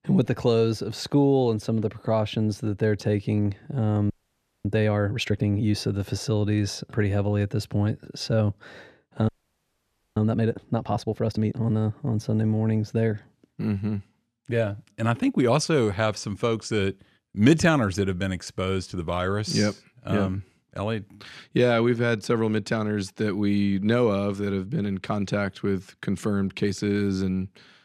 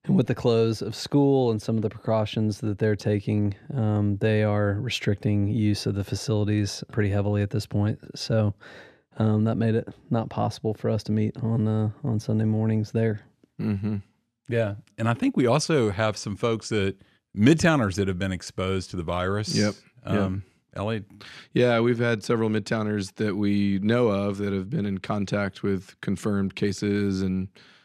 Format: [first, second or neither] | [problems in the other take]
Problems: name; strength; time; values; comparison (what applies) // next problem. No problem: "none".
second | audio freezing; at 4 s for 0.5 s and at 9.5 s for 1 s